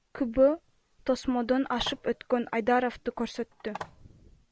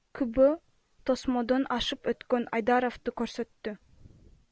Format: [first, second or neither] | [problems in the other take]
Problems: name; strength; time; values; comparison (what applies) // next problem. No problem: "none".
second | background sound (Telephone); 16 dB below the speech